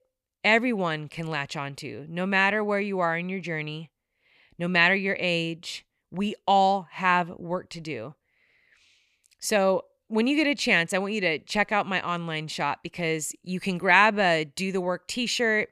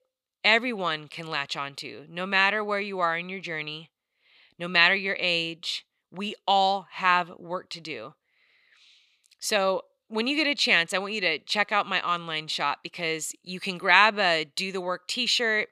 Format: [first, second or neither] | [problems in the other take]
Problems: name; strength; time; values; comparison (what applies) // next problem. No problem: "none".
first | thin; very slightly; fading below 650 Hz